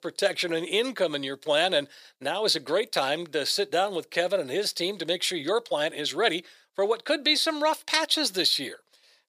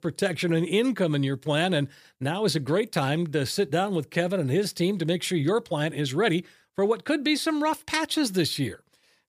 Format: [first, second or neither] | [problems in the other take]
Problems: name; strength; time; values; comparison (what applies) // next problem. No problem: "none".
second | thin; somewhat; fading below 450 Hz